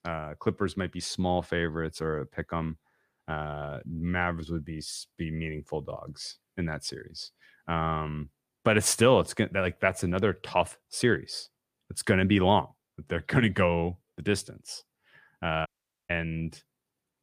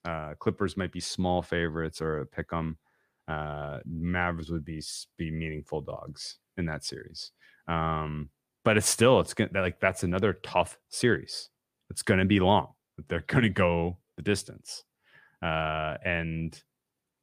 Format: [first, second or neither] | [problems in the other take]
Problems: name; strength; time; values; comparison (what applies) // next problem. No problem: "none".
second | audio cutting out; at 16 s